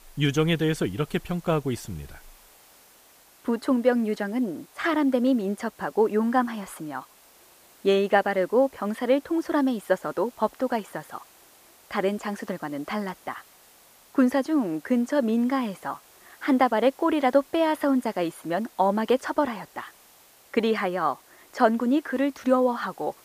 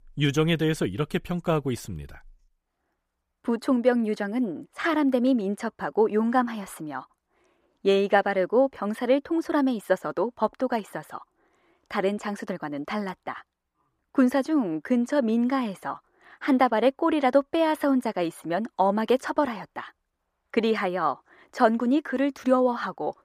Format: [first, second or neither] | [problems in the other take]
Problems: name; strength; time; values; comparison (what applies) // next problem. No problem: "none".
second | hiss; faint; throughout; 25 dB below the speech